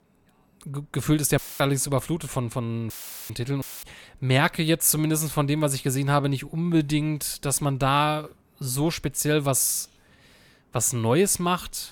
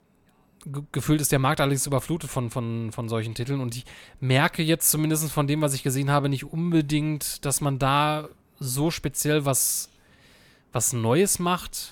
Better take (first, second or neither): second